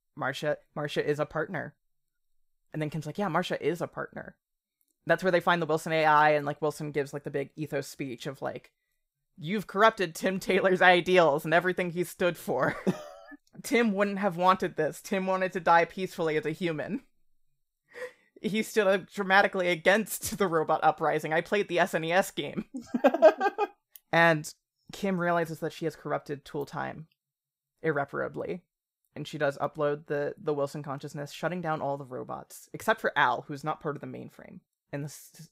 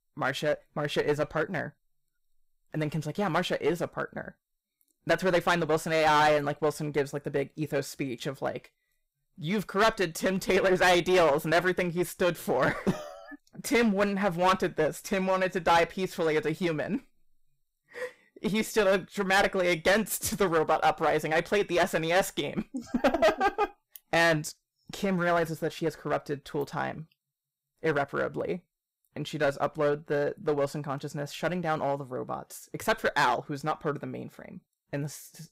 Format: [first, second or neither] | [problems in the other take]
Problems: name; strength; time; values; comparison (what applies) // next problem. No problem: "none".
first | distortion; heavy; 6% of the sound clipped